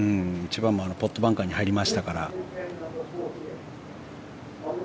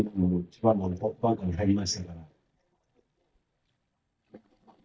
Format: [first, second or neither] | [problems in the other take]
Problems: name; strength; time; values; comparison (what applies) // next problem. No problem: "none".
first | noise reduction (neural mask model DeepFilterNet 3)